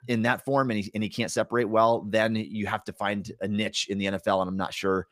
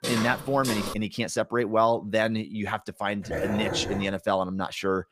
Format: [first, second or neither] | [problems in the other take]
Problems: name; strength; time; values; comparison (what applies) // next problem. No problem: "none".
first | footsteps; noticeable; at the start; peak 3 dB below the speech // dog barking; noticeable; at 3 s; peak 4 dB below the speech